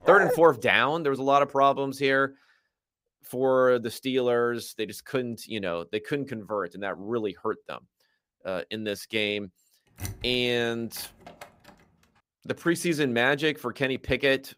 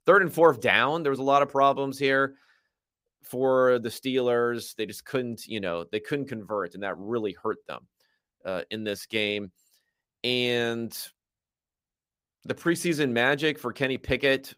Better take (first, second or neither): second